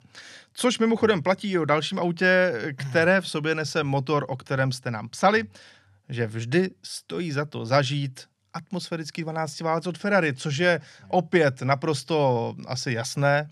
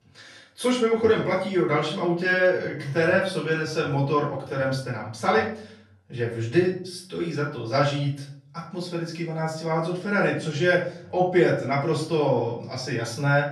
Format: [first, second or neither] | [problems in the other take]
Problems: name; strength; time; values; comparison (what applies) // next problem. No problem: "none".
first | off-mic speech; far // room echo; noticeable; dies away in 0.5 s